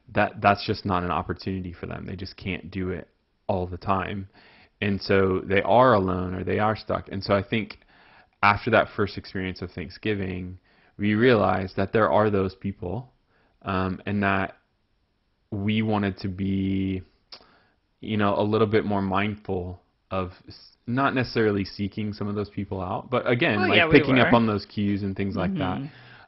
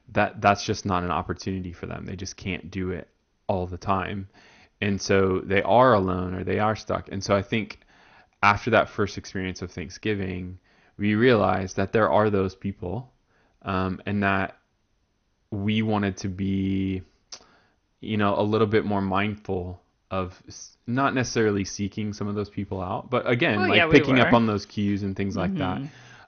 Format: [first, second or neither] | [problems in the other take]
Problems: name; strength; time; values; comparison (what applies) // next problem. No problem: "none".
second | garbled, watery; badly; nothing above 5.5 kHz; slightly in the second